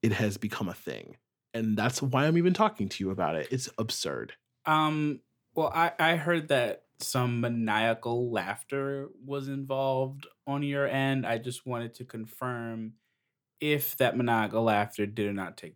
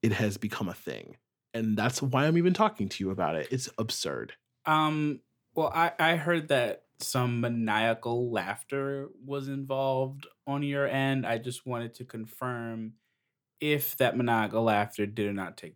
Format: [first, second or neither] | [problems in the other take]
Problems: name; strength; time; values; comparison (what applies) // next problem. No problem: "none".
neither | none